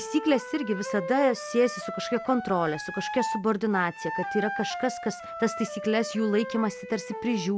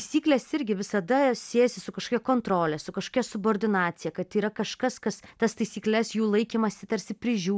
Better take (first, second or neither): second